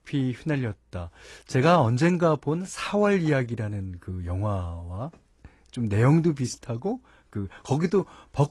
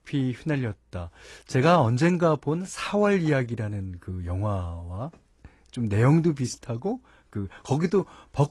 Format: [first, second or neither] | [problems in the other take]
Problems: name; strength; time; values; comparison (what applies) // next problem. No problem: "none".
neither | garbled, watery; slightly; nothing above 11.5 kHz; the same in both